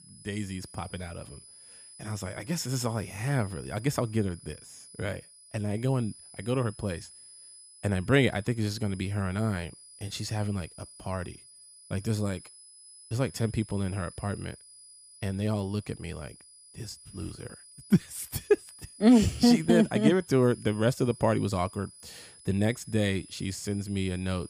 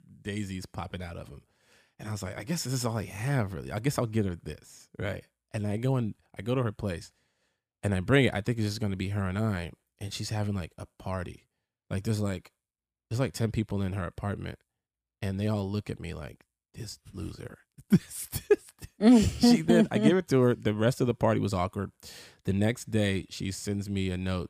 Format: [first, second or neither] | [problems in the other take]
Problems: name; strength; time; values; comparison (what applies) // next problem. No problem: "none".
second | high-pitched whine; noticeable; throughout; 10 kHz, 20 dB below the speech